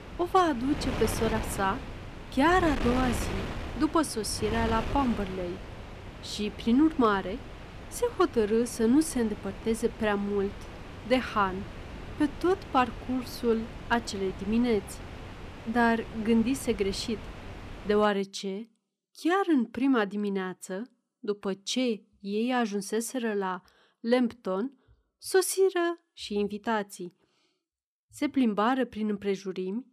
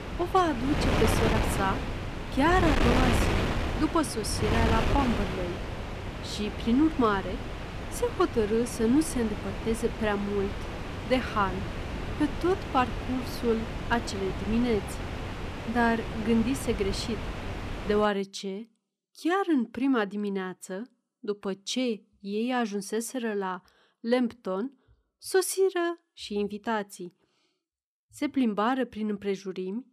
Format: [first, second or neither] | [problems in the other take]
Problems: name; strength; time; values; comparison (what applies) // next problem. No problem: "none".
first | wind noise on the microphone; heavy; until 18 s; 5 dB below the speech; occasional gusts in the first